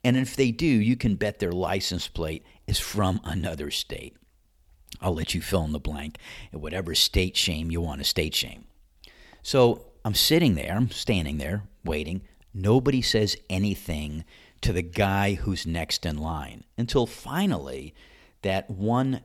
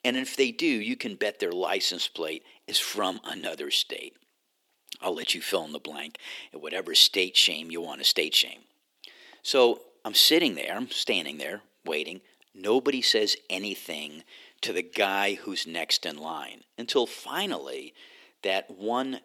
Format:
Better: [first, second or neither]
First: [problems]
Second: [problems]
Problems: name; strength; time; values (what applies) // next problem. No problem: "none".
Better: first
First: none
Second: thin; somewhat; fading below 300 Hz